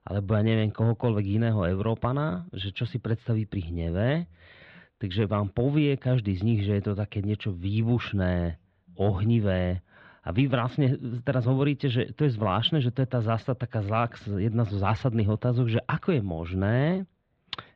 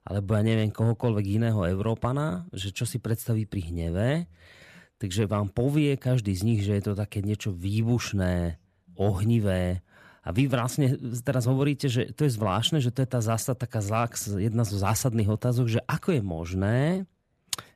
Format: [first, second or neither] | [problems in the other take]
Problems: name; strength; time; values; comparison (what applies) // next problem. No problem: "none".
second | muffled; very; fading above 3.5 kHz